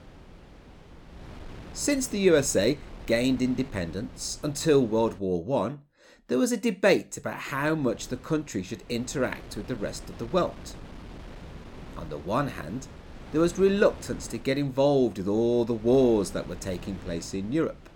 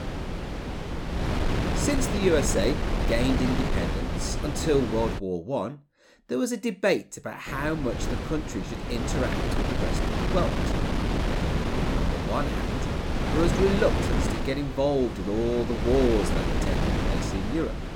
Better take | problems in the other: first | wind noise on the microphone; heavy; until 5 s and from 7.5 s on; 2 dB below the speech; occasional gusts in the first

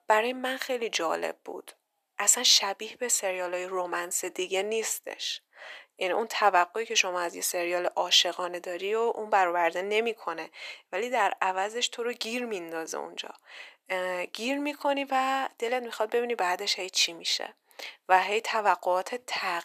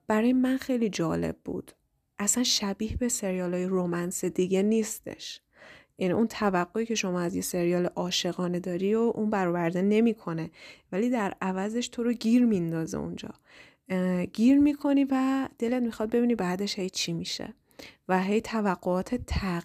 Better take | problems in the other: second | thin; very; fading below 550 Hz

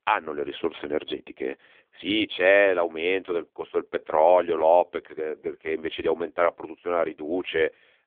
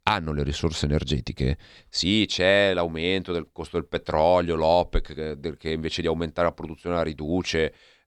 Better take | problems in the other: second | phone-call audio; poor line; nothing above 3.5 kHz

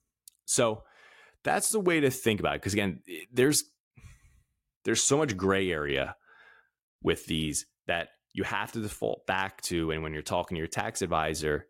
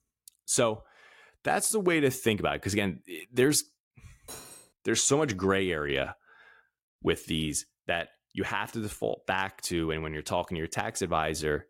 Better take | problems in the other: first | clattering dishes; faint; at 4.5 s; peak 15 dB below the speech

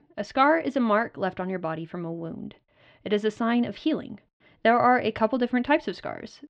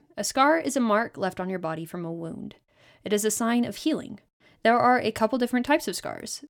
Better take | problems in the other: second | muffled; slightly; fading above 3.5 kHz

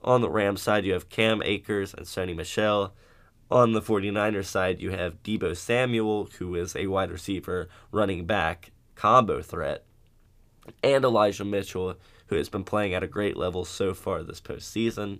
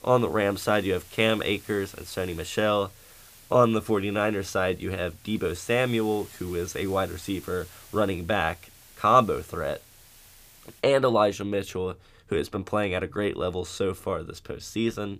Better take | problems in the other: first | hiss; faint; until 11 s; 20 dB below the speech

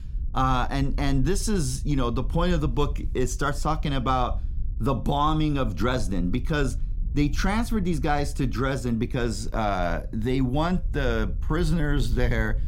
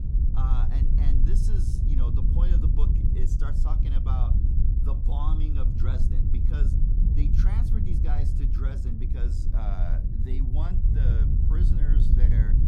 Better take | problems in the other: first | wind noise on the microphone; heavy; 1 dB above the speech; occasional gusts in the first

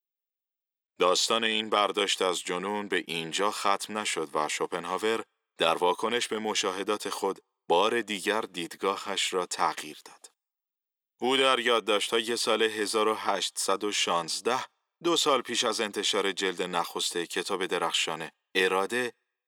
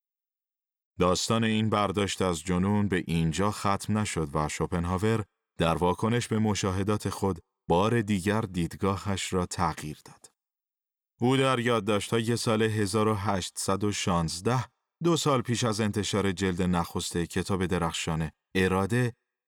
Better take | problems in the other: second | thin; somewhat; fading below 350 Hz

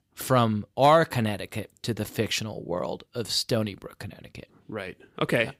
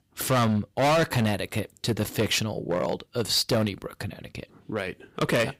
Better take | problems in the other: first | distortion; heavy; 9% of the sound clipped

